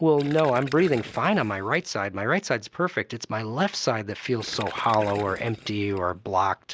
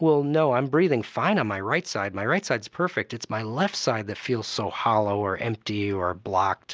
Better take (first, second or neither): second